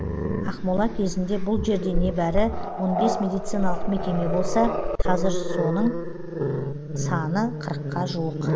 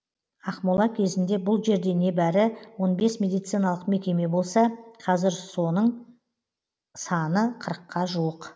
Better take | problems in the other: second | background sound (Growling); 1 dB above the speech

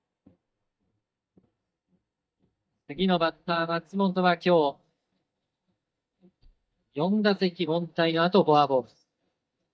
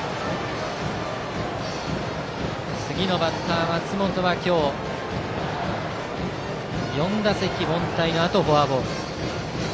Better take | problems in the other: second | noise reduction (neural mask model DeepFilterNet 3)

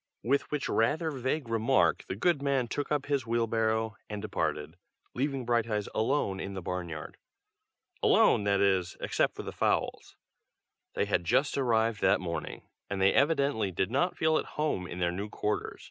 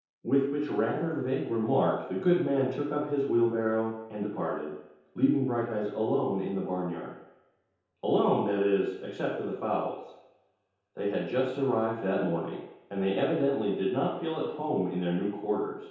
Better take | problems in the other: first | room echo; dies away in 0.8 s

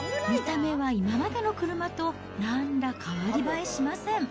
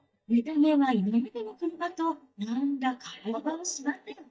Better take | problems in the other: first | noise reduction (neural mask model DeepFilterNet 3)

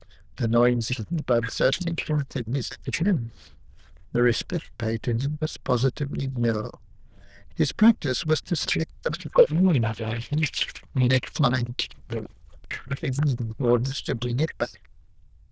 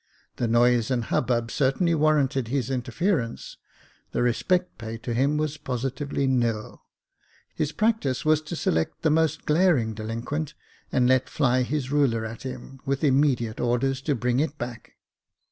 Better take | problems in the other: second | noise reduction (neural diffusion model UNIVERSE++)

